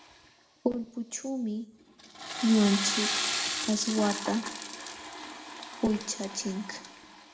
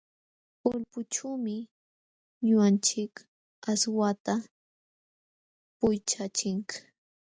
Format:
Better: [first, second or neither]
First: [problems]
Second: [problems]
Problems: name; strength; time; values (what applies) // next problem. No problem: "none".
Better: second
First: background sound (Toilet flush / Water); 5 dB below the speech // room echo; dies away in 0.5 s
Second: none